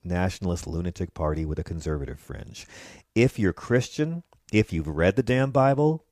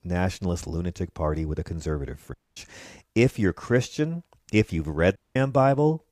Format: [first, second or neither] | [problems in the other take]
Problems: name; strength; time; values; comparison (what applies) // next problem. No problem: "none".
first | audio cutting out; at 2.5 s and at 5 s